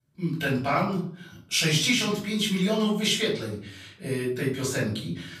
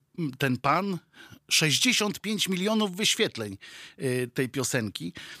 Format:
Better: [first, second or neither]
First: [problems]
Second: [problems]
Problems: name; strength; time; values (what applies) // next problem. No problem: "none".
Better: second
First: off-mic speech; far // room echo; slight; dies away in 0.6 s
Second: none